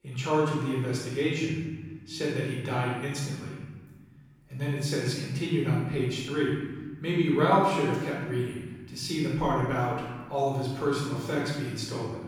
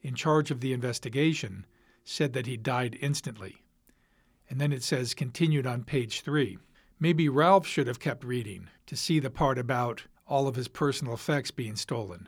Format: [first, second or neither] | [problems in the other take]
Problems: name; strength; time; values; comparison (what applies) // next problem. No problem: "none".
second | off-mic speech; far // room echo; strong; dies away in 1.2 s